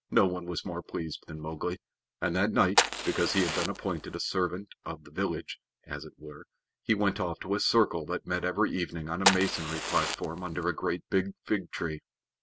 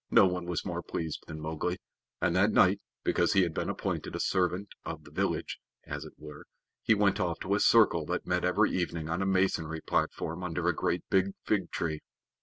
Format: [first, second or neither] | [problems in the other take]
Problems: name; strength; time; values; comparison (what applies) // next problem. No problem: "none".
second | background sound (Fire); as loud as the speech